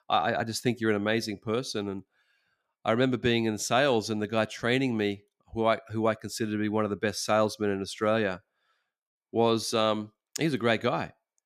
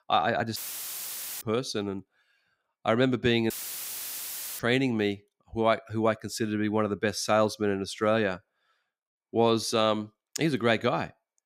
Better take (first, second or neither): first